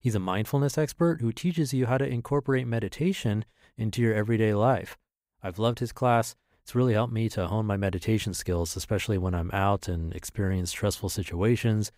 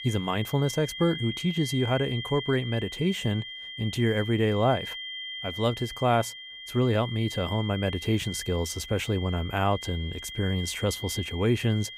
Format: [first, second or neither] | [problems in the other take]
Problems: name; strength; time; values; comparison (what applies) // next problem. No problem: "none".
first | high-pitched whine; loud; throughout; 3 kHz, 9 dB below the speech